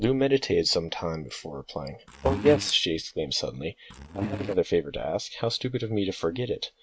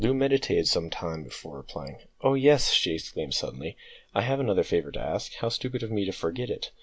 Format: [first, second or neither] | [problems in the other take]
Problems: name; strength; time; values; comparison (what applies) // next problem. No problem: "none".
second | noise reduction (neural mask model RNNoise)